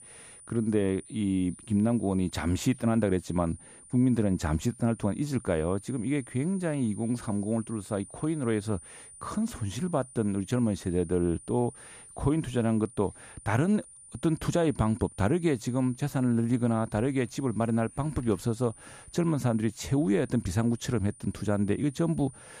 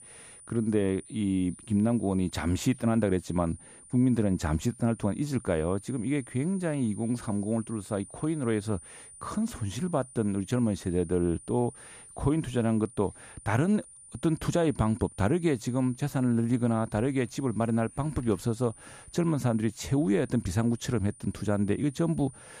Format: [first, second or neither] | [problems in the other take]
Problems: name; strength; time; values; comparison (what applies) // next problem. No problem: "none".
neither | high-pitched whine; noticeable; throughout; 9.5 kHz, 20 dB below the speech; the same in both